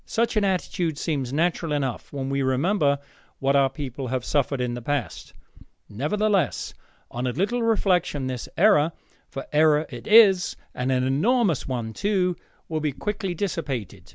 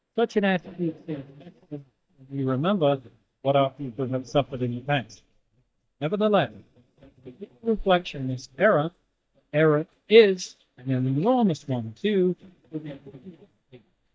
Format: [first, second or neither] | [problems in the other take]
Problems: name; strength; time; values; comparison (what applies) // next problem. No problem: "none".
first | noise reduction (neural mask model DeepFilterNet 3)